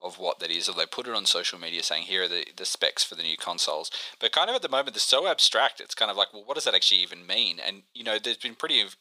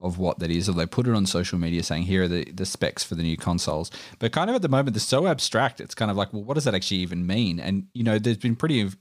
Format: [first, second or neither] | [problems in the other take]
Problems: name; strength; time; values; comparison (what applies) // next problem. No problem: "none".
second | thin; very; fading below 500 Hz